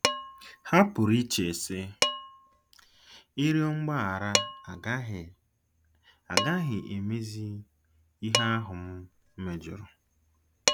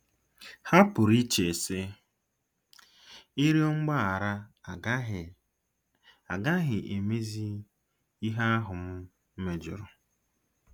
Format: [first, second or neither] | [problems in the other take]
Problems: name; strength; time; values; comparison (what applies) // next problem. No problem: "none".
second | background sound (Dishes, pots, and pans); 4 dB below the speech